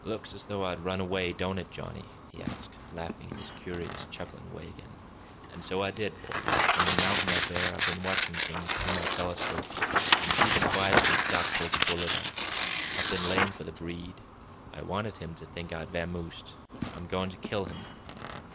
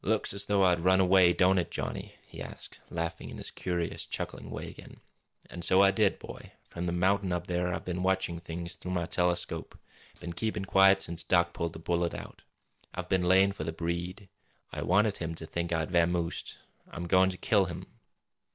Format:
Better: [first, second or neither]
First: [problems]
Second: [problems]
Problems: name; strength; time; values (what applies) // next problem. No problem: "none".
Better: second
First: background sound (Tearing); 4 dB above the speech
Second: none